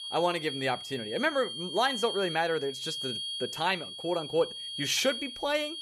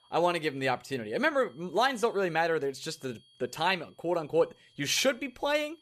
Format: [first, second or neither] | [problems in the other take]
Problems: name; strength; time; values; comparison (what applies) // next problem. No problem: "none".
second | high-pitched whine; loud; throughout; 3.5 kHz, 5 dB below the speech; faint in the second